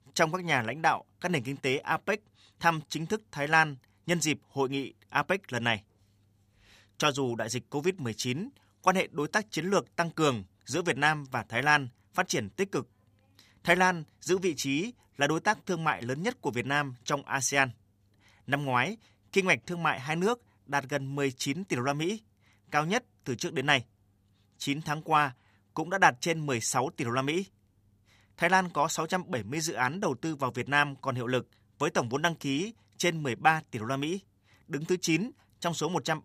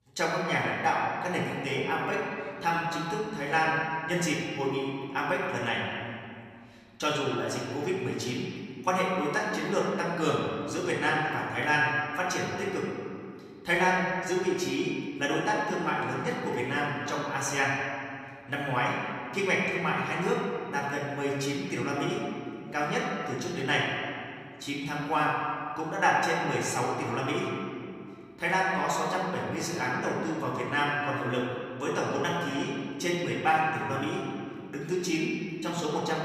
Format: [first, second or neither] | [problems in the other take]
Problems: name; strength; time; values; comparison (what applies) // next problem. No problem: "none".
first | room echo; noticeable; dies away in 2.1 s // off-mic speech; far